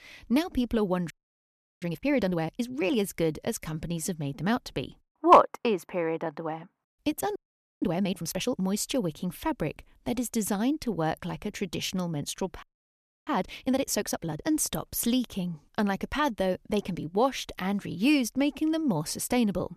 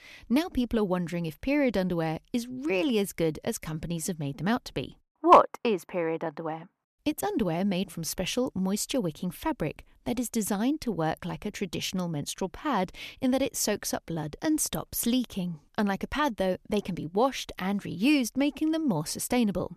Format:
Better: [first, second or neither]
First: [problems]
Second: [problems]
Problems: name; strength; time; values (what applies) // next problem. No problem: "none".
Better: second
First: audio freezing; at 1 s for 0.5 s, at 7.5 s and at 13 s for 0.5 s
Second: none